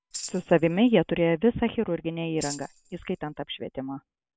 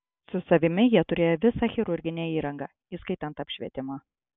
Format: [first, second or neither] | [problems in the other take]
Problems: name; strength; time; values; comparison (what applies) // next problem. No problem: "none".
second | background sound (Tambourine); 17 dB below the speech